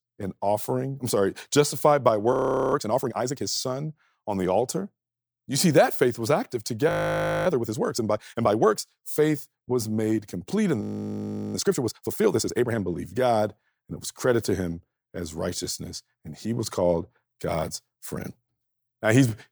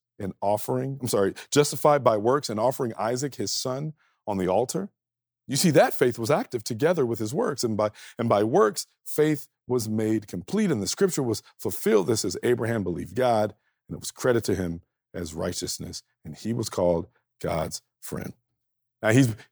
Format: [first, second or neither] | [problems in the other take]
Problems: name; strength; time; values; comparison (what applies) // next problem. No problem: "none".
second | audio freezing; at 2.5 s, at 7 s for 0.5 s and at 11 s for 0.5 s